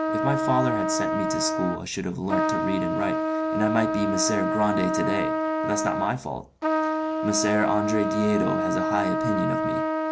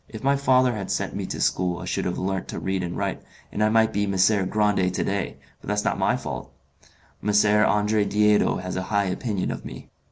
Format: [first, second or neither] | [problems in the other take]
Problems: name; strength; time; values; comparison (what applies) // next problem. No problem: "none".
second | background sound (Trumpet); 2 dB above the speech